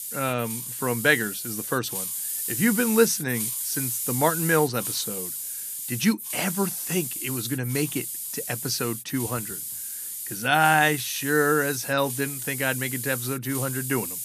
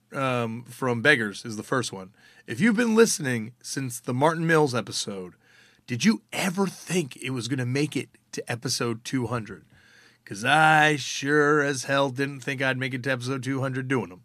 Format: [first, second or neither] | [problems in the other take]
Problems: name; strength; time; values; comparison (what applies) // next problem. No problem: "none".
second | hiss; loud; throughout; 4 dB below the speech